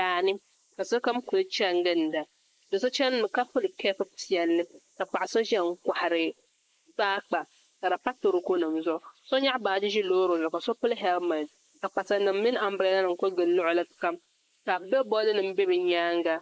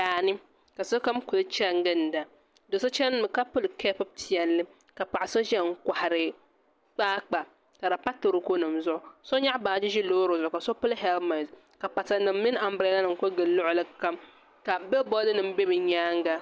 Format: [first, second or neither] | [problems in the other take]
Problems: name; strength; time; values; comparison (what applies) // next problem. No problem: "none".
second | noise reduction (neural mask model Resemble Enhance denoiser)